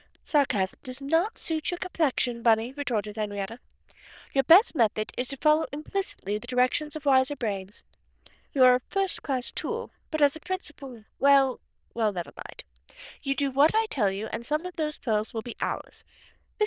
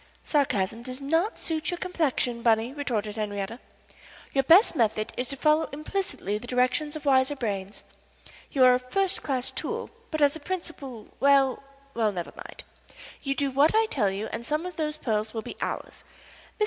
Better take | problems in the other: second | noise reduction (neural diffusion model UNIVERSE++)

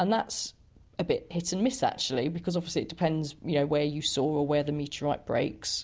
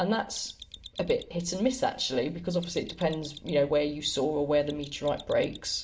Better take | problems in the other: first | background sound (Mechanisms); 19 dB below the speech // room echo; dies away in 0.4 s

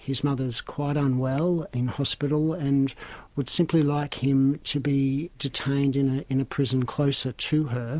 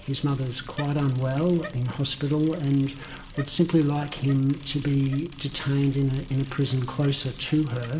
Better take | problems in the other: first | background sound (Bicycle); 18 dB below the speech // room echo; dies away in 0.9 s

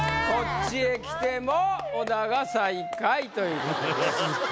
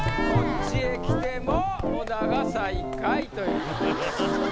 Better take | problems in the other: first | background sound (Gurgling / Engine + Piano); 2 dB above the speech

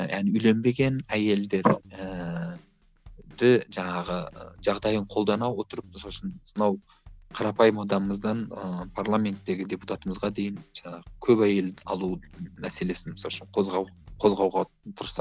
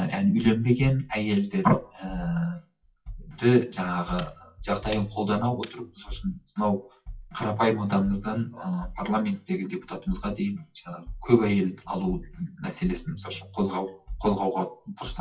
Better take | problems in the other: first | noise reduction (classical method WPE with log-MMSE)

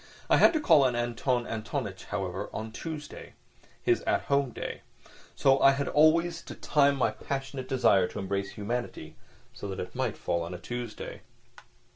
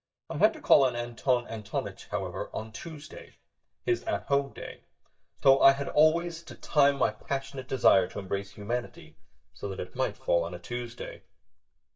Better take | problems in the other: first | noise reduction (neural mask model DeepFilterNet 3)

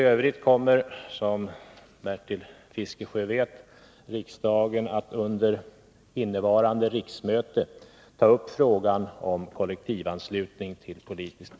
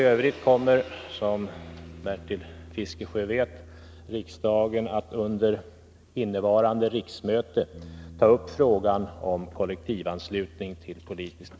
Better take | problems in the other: first | background sound (Bass guitar + Gong); 19 dB below the speech

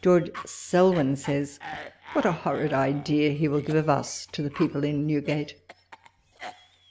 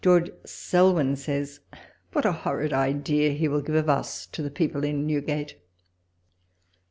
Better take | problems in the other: second | background sound (Cough); 18 dB below the speech

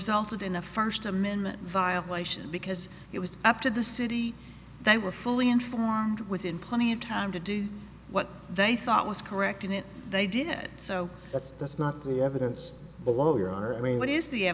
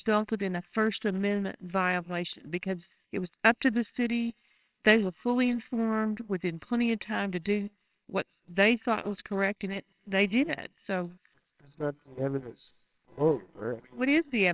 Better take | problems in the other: first | noise reduction (neural separator model SepFormer WHAMR!)

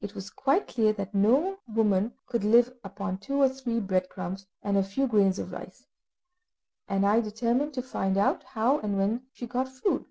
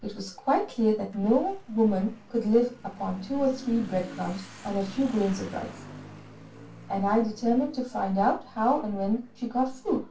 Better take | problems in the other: first | background sound (Motorcycle / Accelerating, revving, vroom); 18 dB below the speech // room echo; dies away in 0.3 s

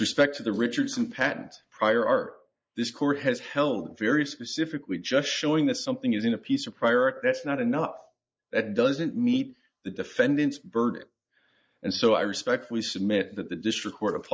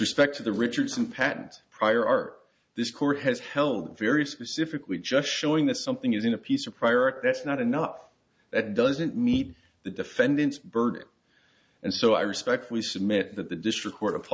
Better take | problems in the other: second | noise reduction (neural mask model Resemble Enhance denoiser)

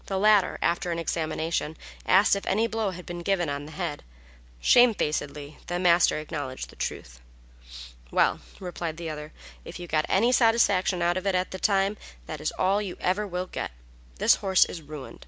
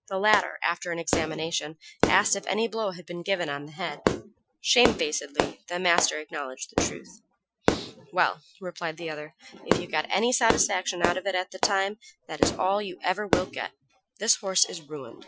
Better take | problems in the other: first | noise reduction (classical method Wiener filter)

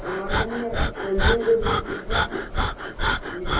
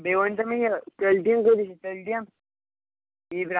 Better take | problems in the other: second | background sound (Breathing); 3 dB above the speech // room echo; dies away in 1 s

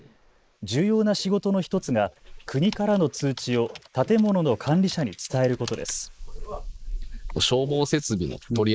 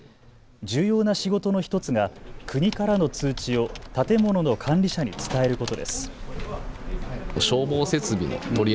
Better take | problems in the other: second | noise reduction (neural mask model Resemble Enhance denoiser)

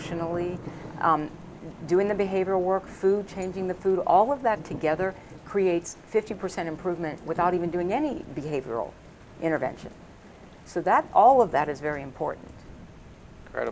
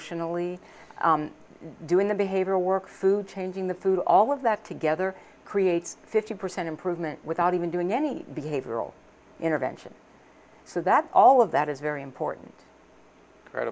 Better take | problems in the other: second | background sound (Thunder / Rain); 17 dB below the speech

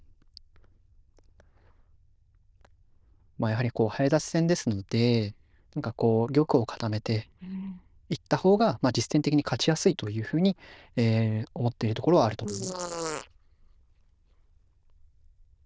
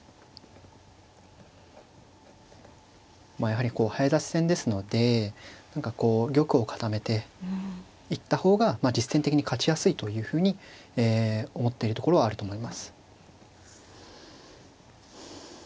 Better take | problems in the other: second | noise reduction (neural diffusion model UNIVERSE++)

